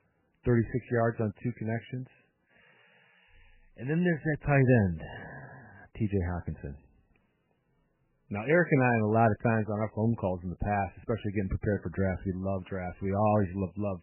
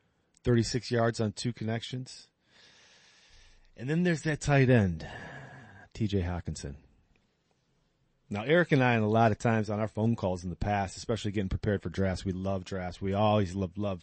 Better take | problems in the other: second | garbled, watery; badly; nothing above 2.5 kHz; slightly in the second

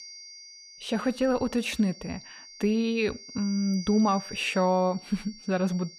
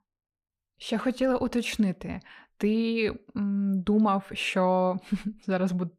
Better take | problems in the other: second | high-pitched whine; noticeable; throughout; 4.5 kHz, 15 dB below the speech

